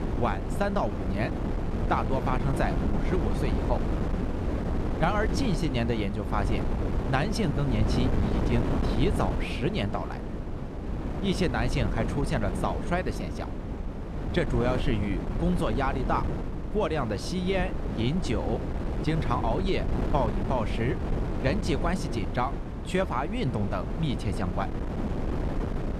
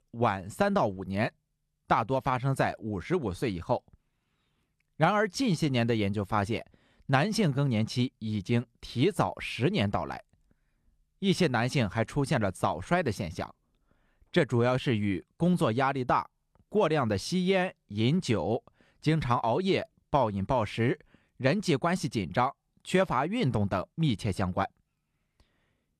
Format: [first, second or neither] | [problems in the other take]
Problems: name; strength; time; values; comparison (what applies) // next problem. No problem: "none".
second | wind noise on the microphone; heavy; 5 dB below the speech